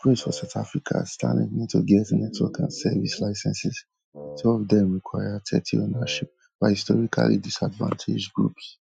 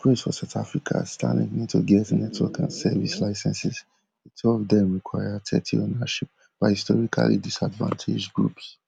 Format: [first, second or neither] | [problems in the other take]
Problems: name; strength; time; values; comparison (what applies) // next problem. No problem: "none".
second | noise reduction (classical method Wiener filter)